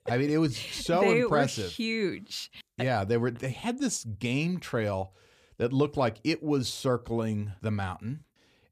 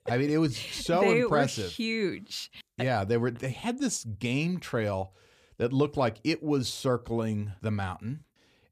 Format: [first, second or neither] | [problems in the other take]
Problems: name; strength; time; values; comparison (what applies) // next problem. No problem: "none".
neither | none